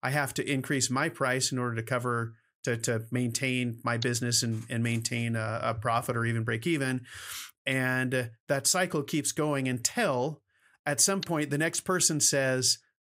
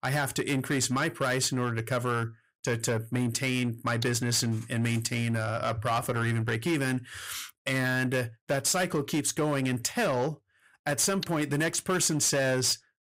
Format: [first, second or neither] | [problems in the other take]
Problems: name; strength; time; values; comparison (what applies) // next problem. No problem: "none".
first | distortion; slight; 10% of the sound clipped